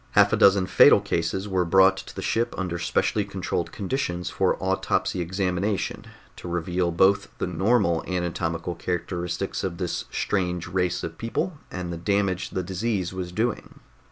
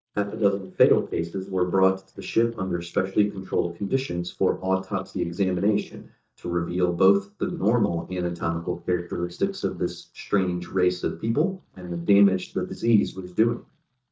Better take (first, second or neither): first